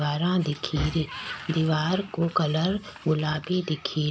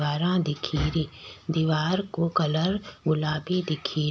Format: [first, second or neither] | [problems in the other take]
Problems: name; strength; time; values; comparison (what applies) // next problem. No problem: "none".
second | background sound (Sliding door); 18 dB below the speech